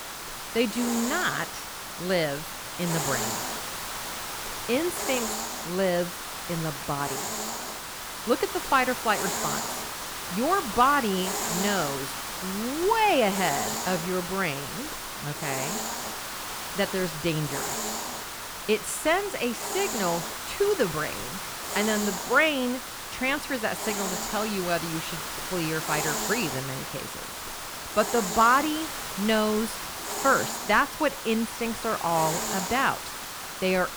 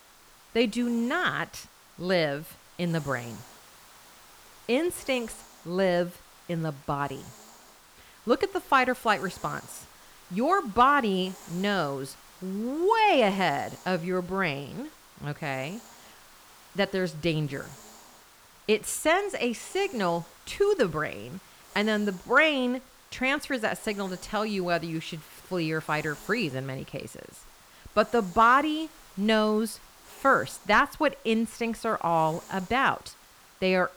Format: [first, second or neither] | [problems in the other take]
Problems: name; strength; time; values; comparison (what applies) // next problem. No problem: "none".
second | hiss; loud; throughout; 4 dB below the speech; faint in the second